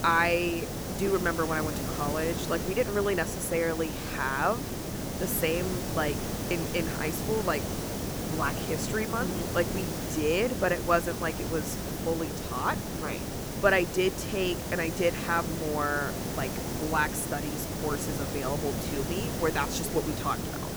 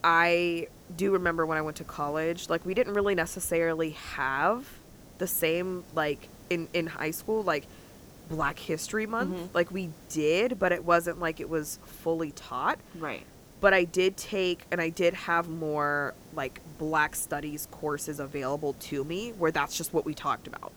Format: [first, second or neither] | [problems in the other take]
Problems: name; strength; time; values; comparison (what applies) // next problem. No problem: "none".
second | hiss; loud; throughout; 3 dB below the speech; faint in the second